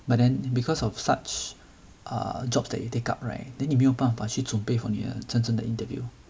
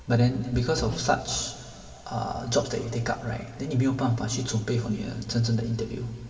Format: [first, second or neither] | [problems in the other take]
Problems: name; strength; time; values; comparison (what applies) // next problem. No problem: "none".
first | background sound (Hammer); 14 dB below the speech // room echo; dies away in 2.5 s